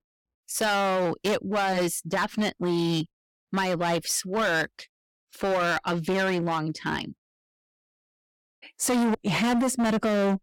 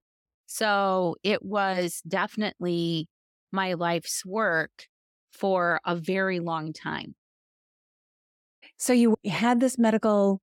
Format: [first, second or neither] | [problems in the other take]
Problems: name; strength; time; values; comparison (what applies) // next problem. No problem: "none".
second | distortion; heavy; 16% of the sound clipped